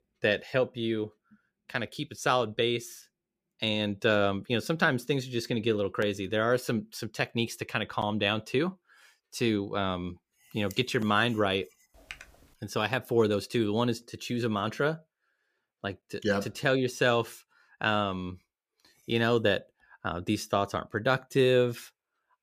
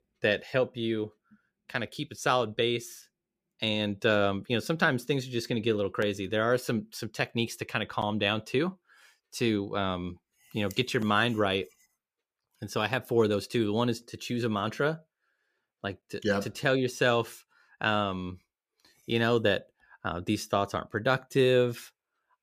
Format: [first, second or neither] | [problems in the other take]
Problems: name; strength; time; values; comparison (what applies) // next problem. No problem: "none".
second | keyboard typing; faint; at 12 s; peak 15 dB below the speech